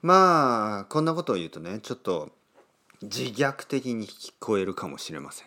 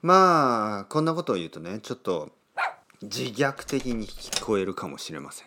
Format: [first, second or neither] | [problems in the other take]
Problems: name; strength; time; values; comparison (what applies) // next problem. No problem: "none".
first | dog barking; noticeable; at 2.5 s; peak 4 dB below the speech // door banging; noticeable; at 3.5 s; peak 5 dB below the speech